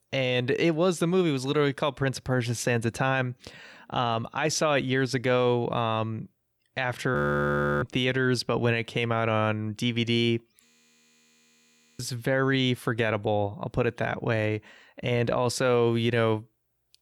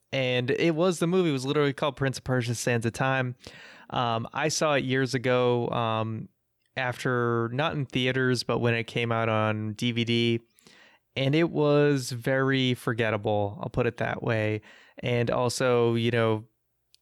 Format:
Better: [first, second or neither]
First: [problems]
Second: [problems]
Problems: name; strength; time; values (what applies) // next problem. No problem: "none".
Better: second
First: audio freezing; at 7 s for 0.5 s and at 11 s for 1.5 s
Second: none